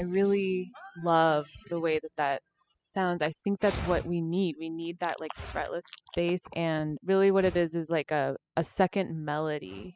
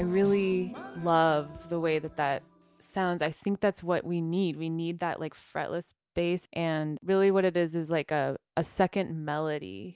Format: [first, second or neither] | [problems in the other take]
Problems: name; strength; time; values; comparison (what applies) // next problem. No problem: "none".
second | noise reduction (classical method spectral subtraction)